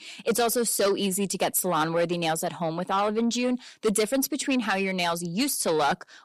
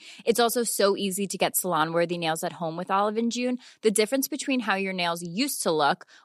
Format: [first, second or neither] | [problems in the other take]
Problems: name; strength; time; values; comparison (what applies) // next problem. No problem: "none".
second | distortion; slight; 10 dB below the speech